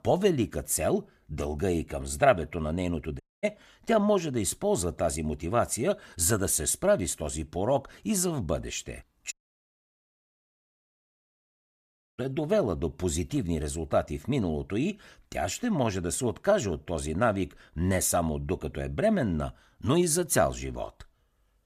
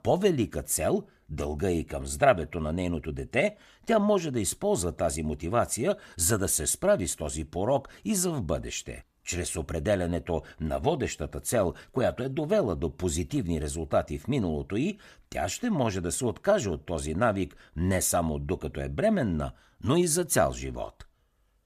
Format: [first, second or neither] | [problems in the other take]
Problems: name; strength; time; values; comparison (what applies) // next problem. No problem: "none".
second | audio cutting out; at 3 s and at 9.5 s for 3 s